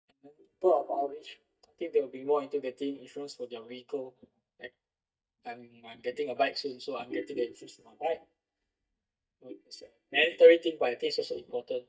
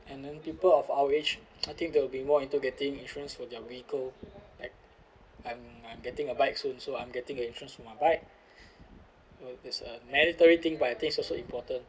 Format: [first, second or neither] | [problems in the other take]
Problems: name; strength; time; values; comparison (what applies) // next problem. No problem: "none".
second | noise reduction (neural mask model DeepFilterNet 3)